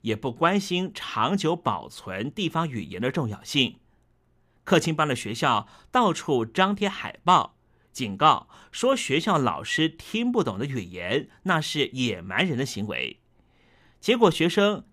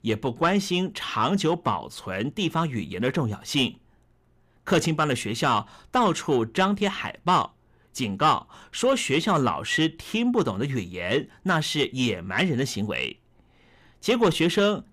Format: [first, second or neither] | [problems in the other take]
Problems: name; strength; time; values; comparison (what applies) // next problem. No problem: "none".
first | distortion; slight; 10 dB below the speech